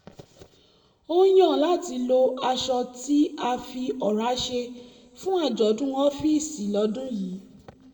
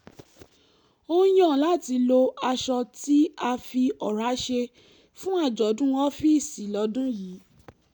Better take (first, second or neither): second